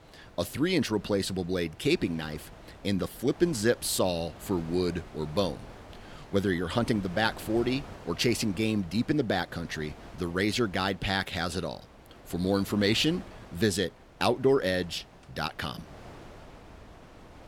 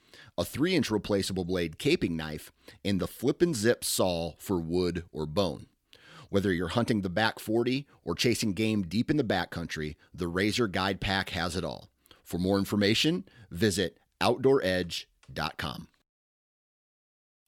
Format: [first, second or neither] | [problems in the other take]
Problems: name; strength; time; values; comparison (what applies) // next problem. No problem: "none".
second | wind noise on the microphone; occasional gusts; 20 dB below the speech